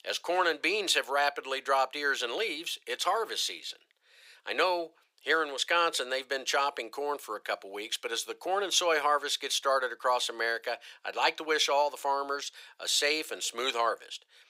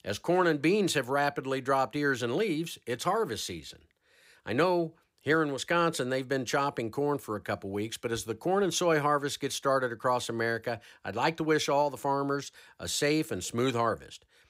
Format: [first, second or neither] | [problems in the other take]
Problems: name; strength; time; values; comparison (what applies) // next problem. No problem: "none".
second | thin; very; fading below 500 Hz